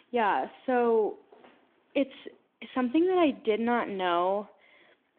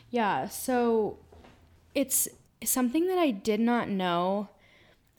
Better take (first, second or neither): second